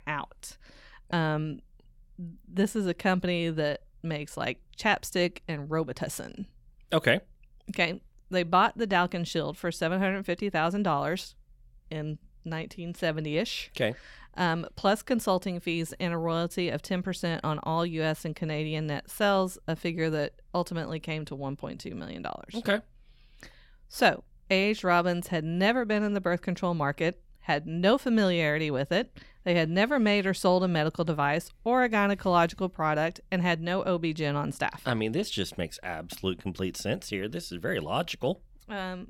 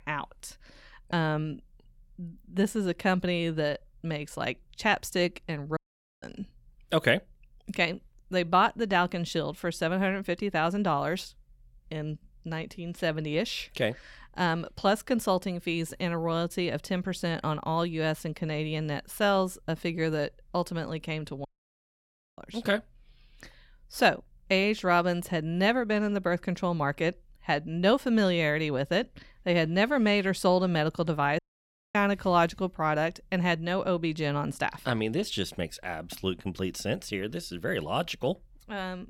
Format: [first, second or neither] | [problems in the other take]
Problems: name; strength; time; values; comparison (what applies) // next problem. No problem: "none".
first | audio cutting out; at 6 s, at 21 s for 1 s and at 31 s for 0.5 s